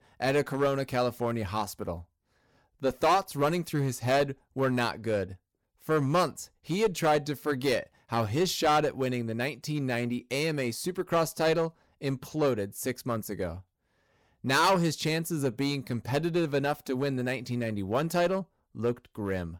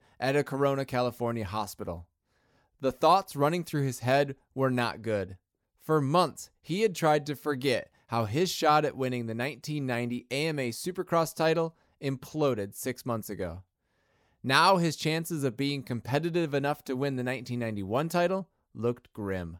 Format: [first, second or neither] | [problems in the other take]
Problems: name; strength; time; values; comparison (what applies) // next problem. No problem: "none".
second | distortion; slight; 5% of the sound clipped